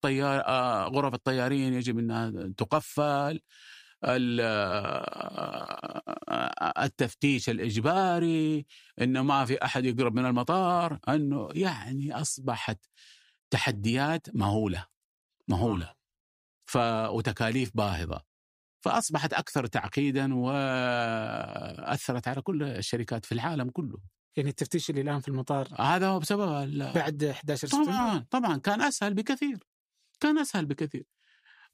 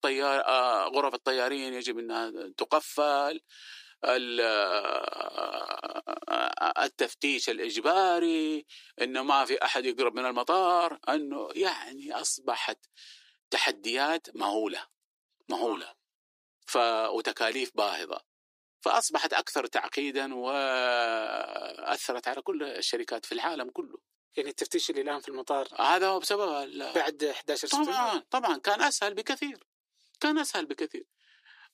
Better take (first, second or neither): first